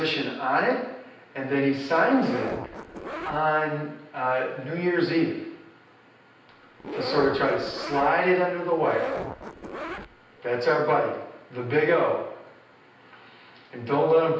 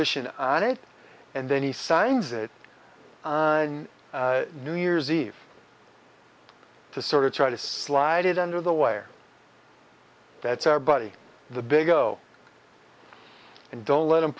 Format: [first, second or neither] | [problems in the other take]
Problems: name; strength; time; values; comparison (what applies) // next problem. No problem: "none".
second | background sound (Zipper (clothing)); 9 dB below the speech // room echo; dies away in 0.9 s